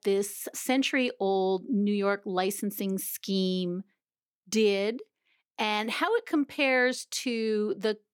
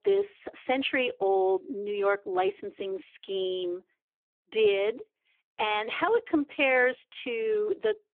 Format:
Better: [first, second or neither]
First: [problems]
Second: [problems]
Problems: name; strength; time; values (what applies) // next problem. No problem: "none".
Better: first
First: none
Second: phone-call audio; poor line; nothing above 3.5 kHz